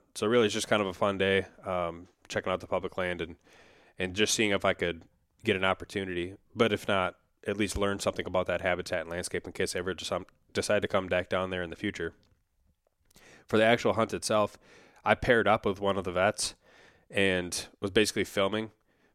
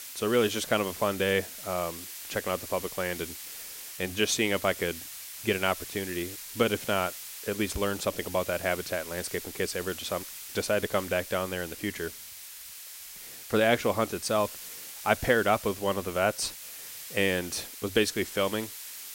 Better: first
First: none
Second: hiss; noticeable; throughout; 10 dB below the speech

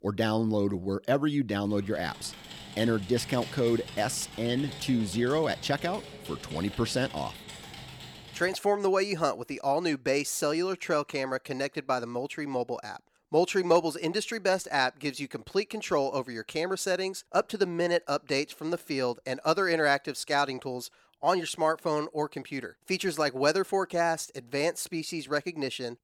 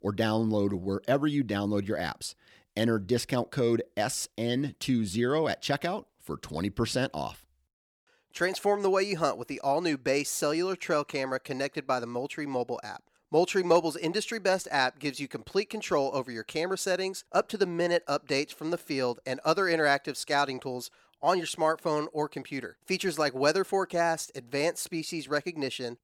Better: second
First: keyboard typing; faint; from 1.5 to 8.5 s; peak 10 dB below the speech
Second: none

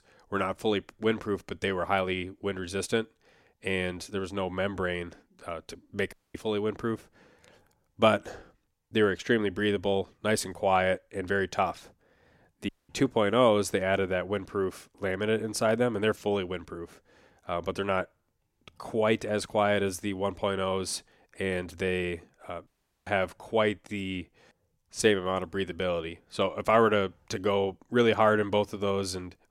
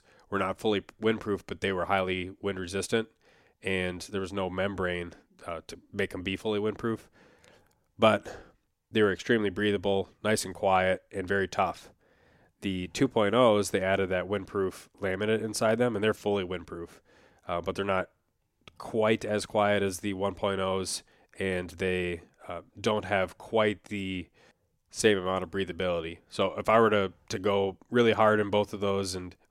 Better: second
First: audio cutting out; at 6 s, at 13 s and at 23 s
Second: none

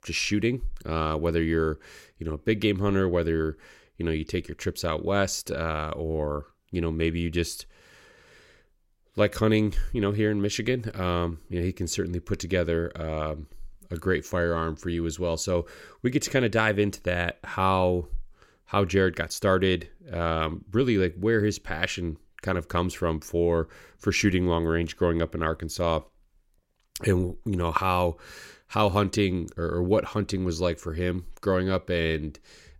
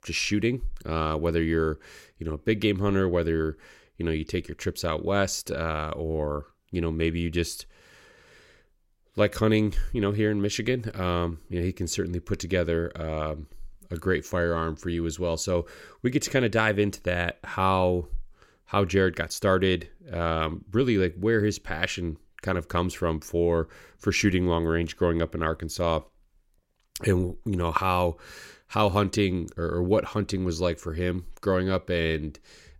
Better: neither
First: none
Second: none

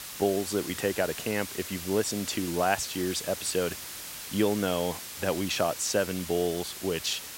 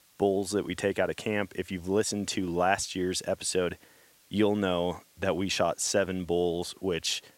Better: second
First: hiss; loud; throughout; 8 dB below the speech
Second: hiss; faint; throughout; 30 dB below the speech

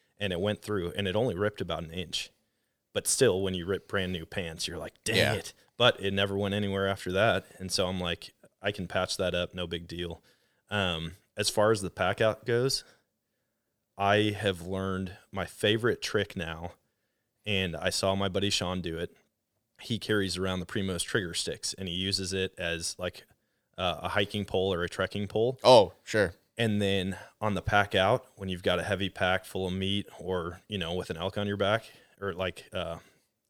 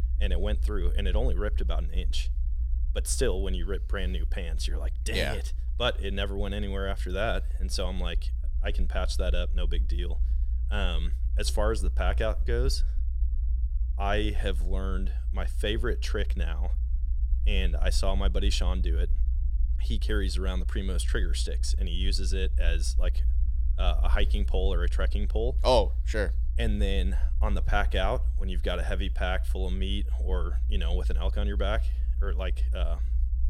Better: first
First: none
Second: low rumble; noticeable; throughout; 20 dB below the speech

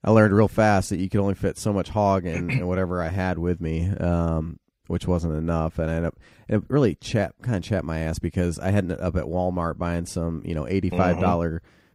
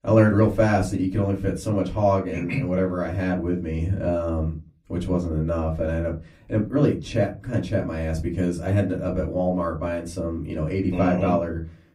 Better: first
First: none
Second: off-mic speech; far // room echo; very slight; dies away in 0.3 s

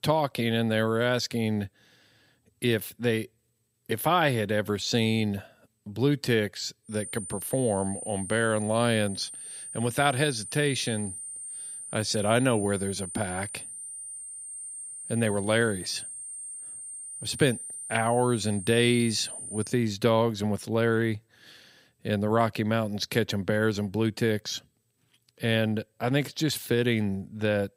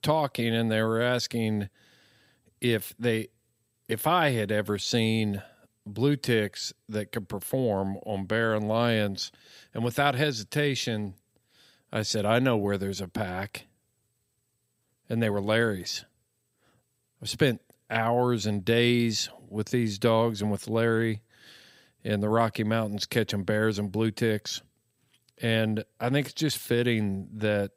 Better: second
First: high-pitched whine; loud; from 7 to 20 s; 9 kHz, 9 dB below the speech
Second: none

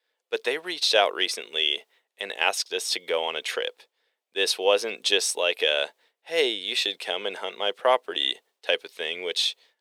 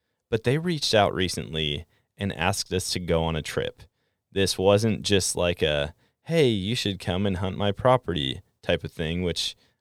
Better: second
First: thin; very; fading below 400 Hz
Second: none

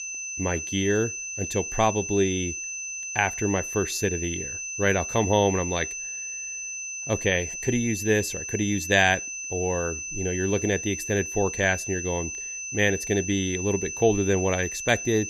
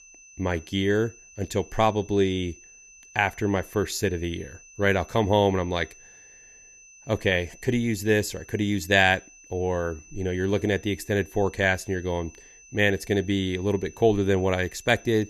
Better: second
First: high-pitched whine; loud; throughout; 6 kHz, 5 dB below the speech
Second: high-pitched whine; faint; throughout; 6 kHz, 25 dB below the speech

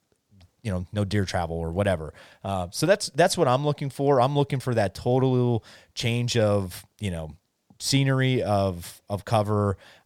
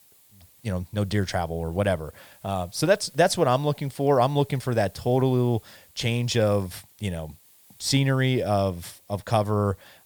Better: first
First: none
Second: hiss; faint; throughout; 25 dB below the speech

